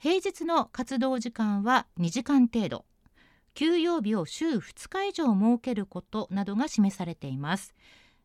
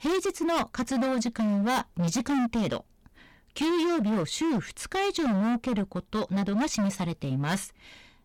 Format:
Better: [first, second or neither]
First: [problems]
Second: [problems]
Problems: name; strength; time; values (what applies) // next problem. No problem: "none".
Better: first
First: none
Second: distortion; heavy; 27% of the sound clipped